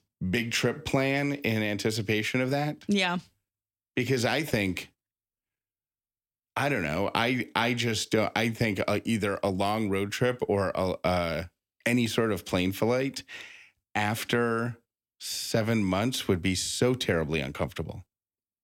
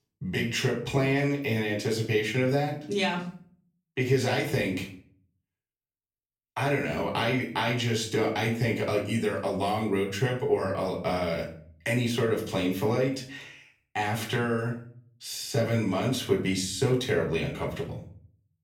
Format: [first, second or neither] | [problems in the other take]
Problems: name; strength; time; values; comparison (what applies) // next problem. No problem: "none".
first | room echo; slight; dies away in 0.4 s // off-mic speech; far